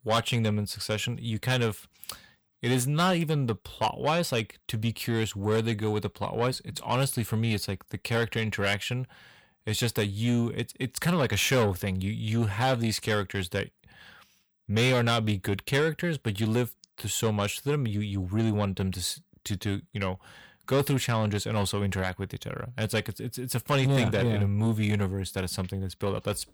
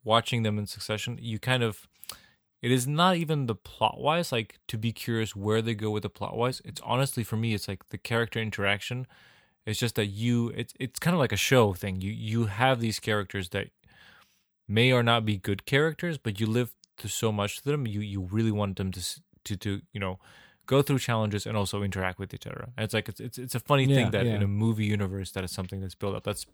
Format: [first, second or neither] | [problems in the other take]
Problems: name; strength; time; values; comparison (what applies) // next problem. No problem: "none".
second | distortion; slight; 10 dB below the speech